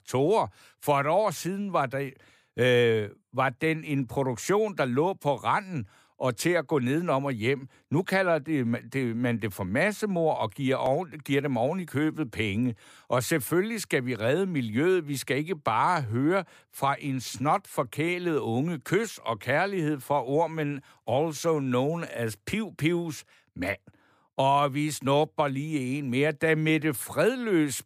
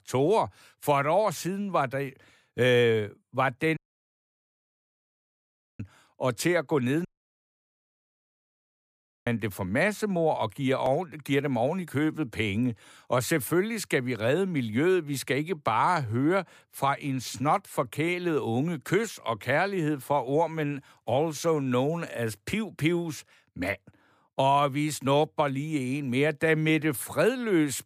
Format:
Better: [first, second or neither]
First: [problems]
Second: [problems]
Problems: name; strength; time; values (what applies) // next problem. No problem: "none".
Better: first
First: none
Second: audio cutting out; at 4 s for 2 s and at 7 s for 2 s